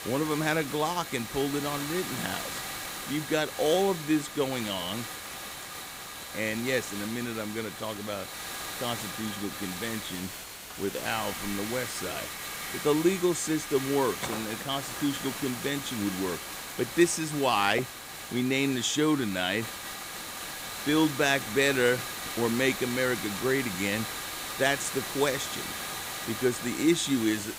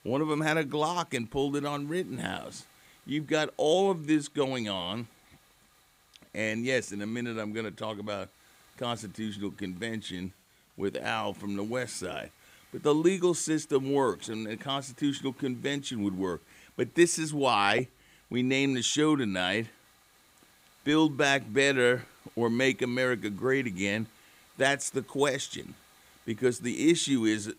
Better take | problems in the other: second | hiss; loud; throughout; 7 dB below the speech; faint in the second

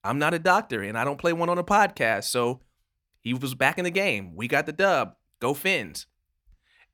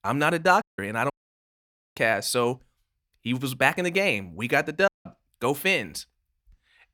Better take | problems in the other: first | audio cutting out; at 0.5 s, at 1 s for 1 s and at 5 s

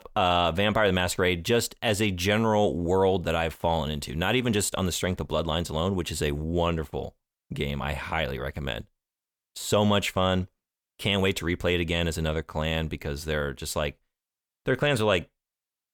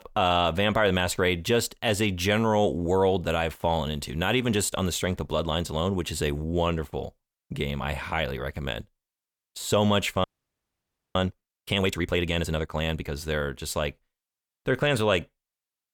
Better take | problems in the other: first | audio freezing; at 10 s for 1 s

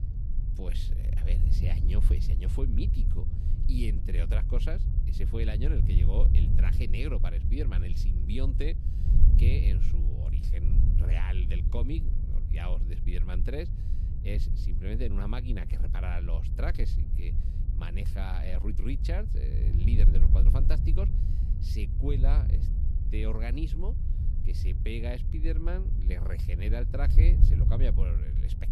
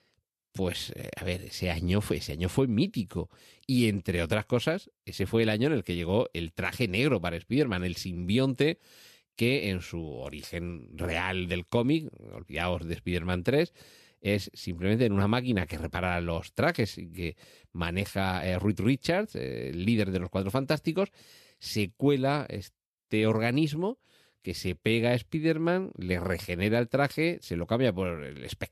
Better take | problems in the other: second | wind noise on the microphone; heavy; 4 dB below the speech

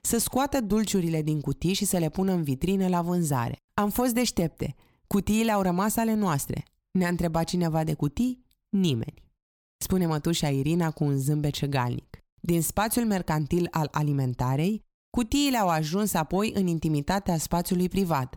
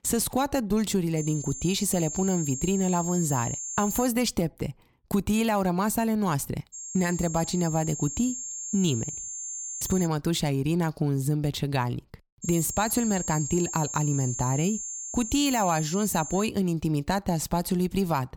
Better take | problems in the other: first | high-pitched whine; loud; from 1 to 4 s, from 6.5 to 10 s and from 12 to 16 s; 7.5 kHz, 6 dB below the speech

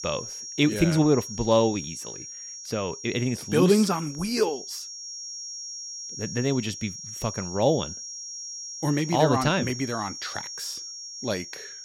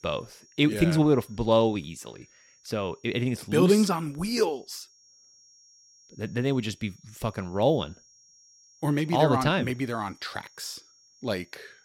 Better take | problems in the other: second | high-pitched whine; loud; throughout; 5.5 kHz, 10 dB below the speech; faint in the second

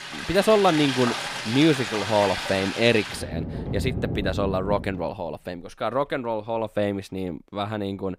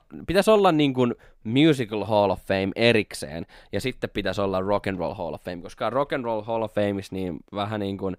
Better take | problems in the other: second | rain or running water; loud; until 5 s; 5 dB below the speech

